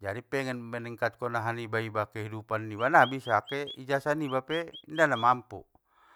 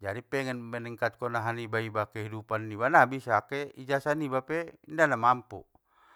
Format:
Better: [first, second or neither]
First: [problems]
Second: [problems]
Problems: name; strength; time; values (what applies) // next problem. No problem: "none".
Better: second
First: background sound (Chirp, tweet); 17 dB below the speech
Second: none